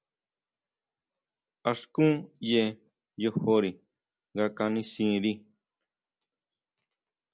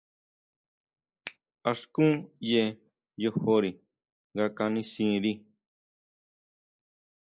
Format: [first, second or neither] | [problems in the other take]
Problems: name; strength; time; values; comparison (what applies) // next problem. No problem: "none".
first | noise reduction (neural mask model Resemble Enhance denoiser)